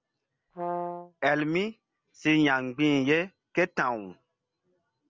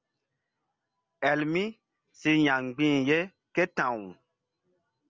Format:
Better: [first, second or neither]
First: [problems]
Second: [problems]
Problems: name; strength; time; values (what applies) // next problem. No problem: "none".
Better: second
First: background sound (Brass instrument); 8 dB below the speech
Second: none